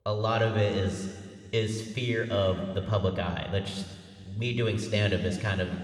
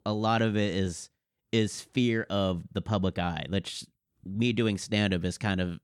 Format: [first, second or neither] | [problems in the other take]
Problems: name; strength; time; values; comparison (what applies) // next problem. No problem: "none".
second | room echo; noticeable; dies away in 2.1 s